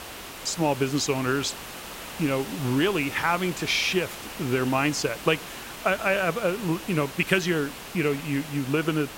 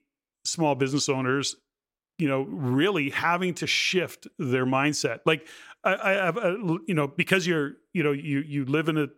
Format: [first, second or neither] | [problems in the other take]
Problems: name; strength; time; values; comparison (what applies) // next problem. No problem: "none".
second | hiss; noticeable; throughout; 10 dB below the speech